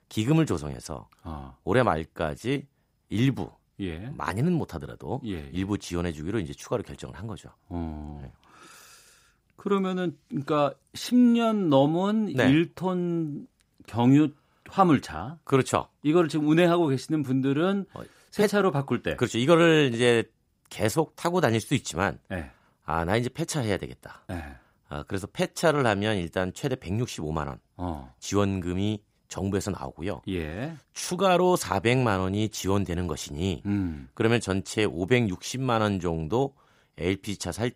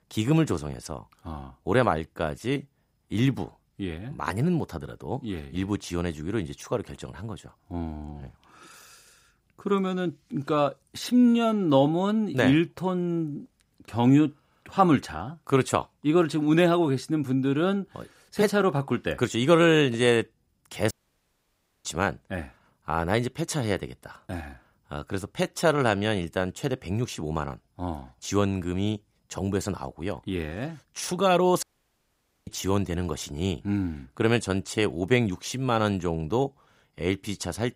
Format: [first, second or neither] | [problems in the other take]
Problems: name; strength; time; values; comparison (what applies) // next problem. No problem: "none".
first | audio cutting out; at 21 s for 1 s and at 32 s for 1 s